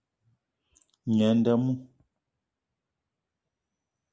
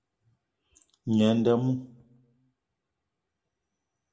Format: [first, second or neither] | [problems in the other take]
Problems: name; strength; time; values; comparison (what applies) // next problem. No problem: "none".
first | room echo; dies away in 0.3 s